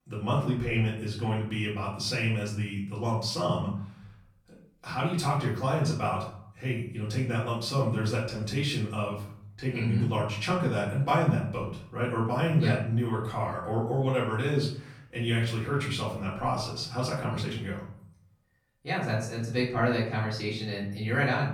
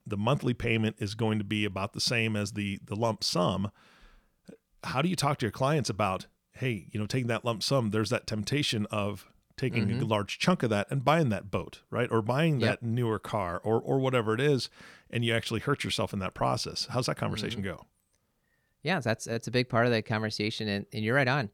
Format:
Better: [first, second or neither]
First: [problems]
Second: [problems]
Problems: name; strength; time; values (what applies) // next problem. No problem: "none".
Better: second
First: off-mic speech; far // room echo; noticeable; dies away in 0.5 s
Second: none